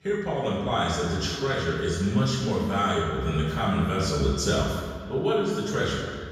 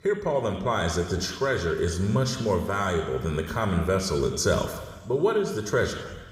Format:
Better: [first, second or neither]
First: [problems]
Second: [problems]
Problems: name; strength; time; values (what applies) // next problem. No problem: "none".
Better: second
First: room echo; strong; dies away in 1.7 s // off-mic speech; far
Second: room echo; slight; dies away in 1.3 s